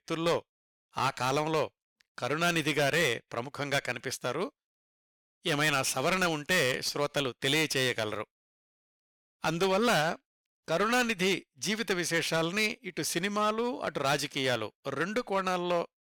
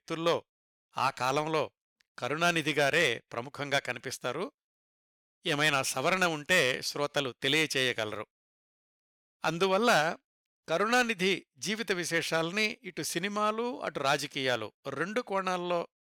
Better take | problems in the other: second | distortion; slight; 8% of the sound clipped

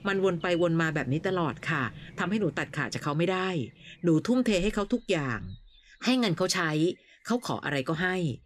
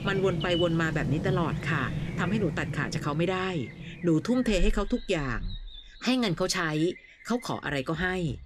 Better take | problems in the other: first | animal sounds; loud; throughout; 6 dB below the speech; faint in the first

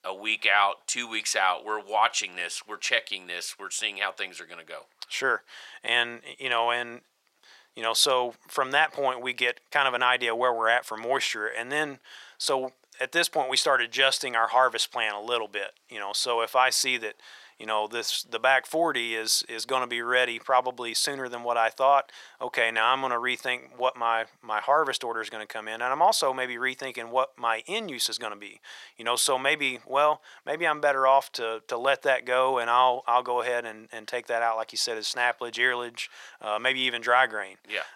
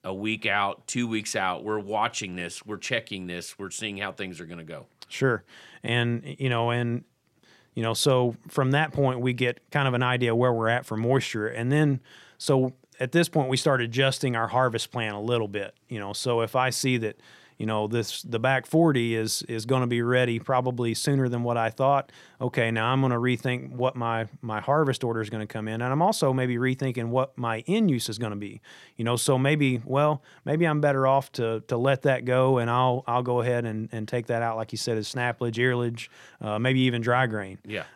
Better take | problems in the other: second | thin; very; fading below 800 Hz

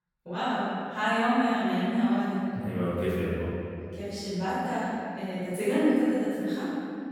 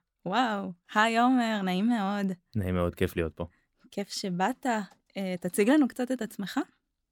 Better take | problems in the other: second | room echo; strong; dies away in 2.6 s // off-mic speech; far

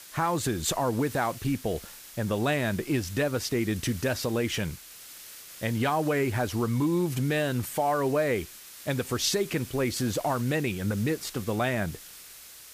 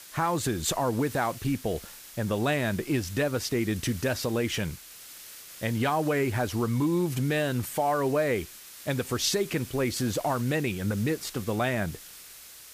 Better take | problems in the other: neither | hiss; noticeable; throughout; 15 dB below the speech; the same in both

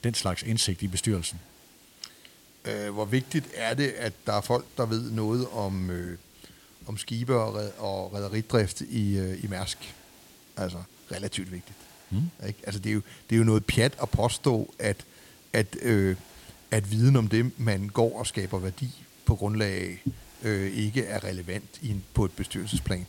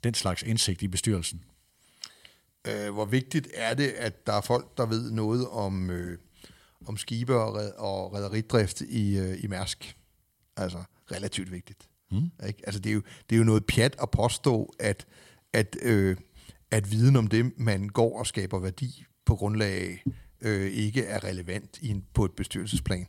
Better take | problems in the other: second | hiss; faint; throughout; 25 dB below the speech

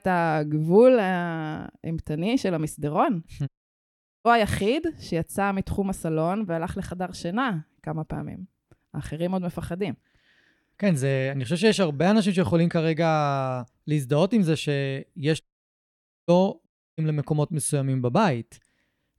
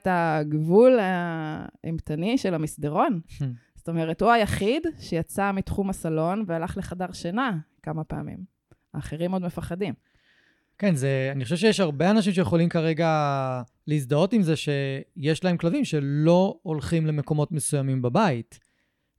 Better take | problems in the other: second | audio cutting out; at 3.5 s for 1 s, at 15 s for 1 s and at 17 s

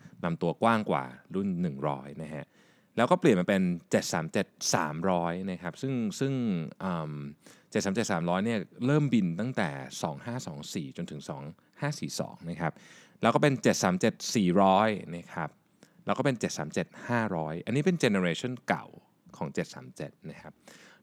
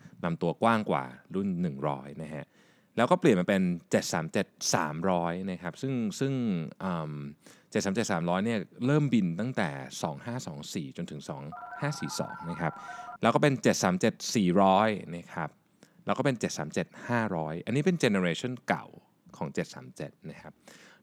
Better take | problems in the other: first | phone ringing; faint; from 12 to 13 s; peak 15 dB below the speech

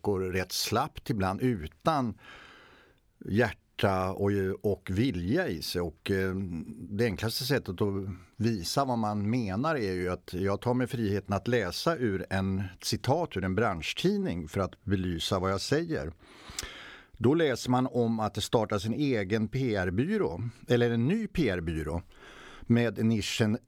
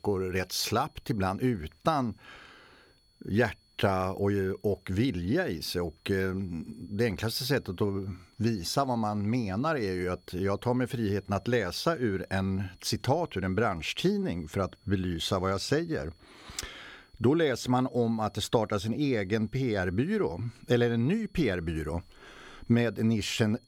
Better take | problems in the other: first | high-pitched whine; faint; throughout; 4.5 kHz, 35 dB below the speech

